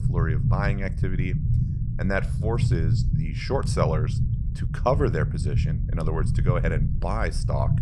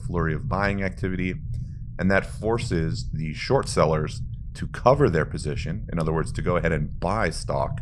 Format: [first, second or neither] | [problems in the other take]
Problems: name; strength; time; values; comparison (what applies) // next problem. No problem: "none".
second | low rumble; loud; throughout; 9 dB below the speech; faint in the second